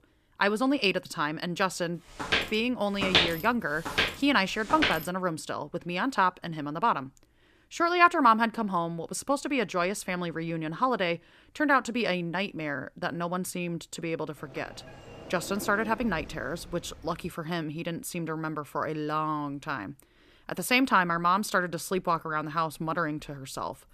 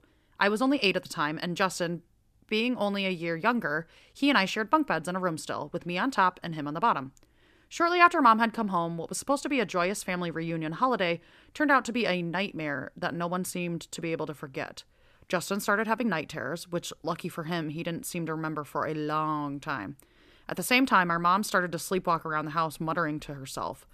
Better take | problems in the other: second | footsteps; loud; from 2 to 5 s; peak 5 dB above the speech // door banging; faint; from 14 to 17 s; peak 15 dB below the speech

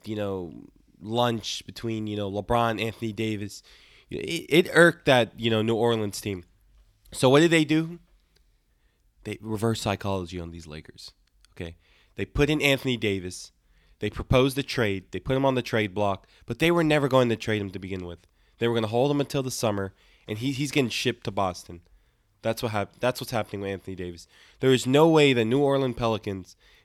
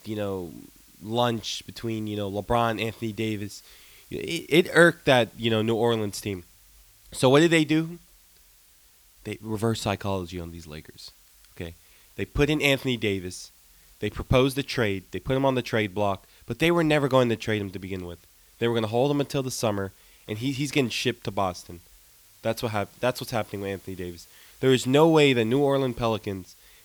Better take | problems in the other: first | hiss; faint; throughout; 30 dB below the speech

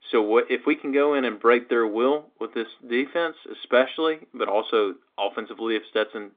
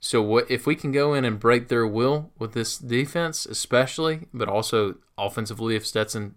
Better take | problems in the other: second | phone-call audio

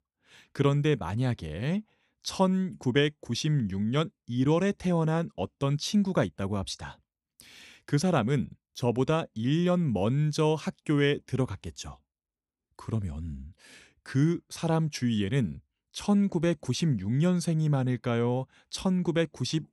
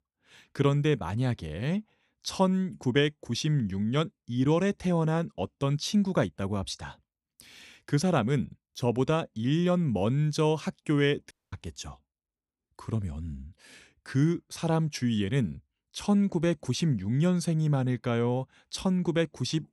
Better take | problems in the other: first | audio cutting out; at 11 s

